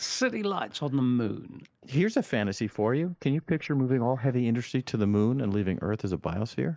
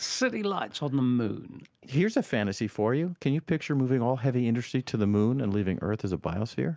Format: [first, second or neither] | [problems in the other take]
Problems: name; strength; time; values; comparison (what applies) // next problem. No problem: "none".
second | noise reduction (neural mask model Resemble Enhance denoiser)